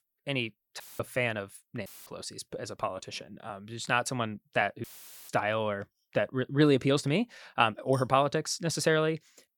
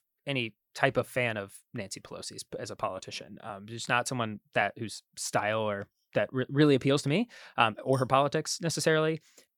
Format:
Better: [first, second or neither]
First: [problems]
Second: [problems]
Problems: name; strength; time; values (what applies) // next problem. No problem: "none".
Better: second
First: audio cutting out; filled with static; at 1 s, at 2 s and at 5 s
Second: none